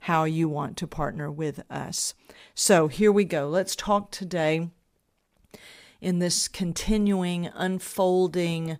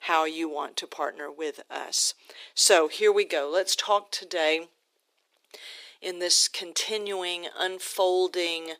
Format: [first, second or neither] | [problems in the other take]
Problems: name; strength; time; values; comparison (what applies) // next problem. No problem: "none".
first | thin; very; fading below 350 Hz